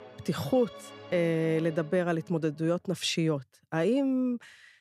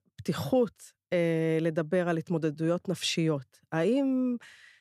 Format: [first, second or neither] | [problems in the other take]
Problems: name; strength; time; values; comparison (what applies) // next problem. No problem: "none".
second | background music; noticeable; until 3 s; 20 dB below the speech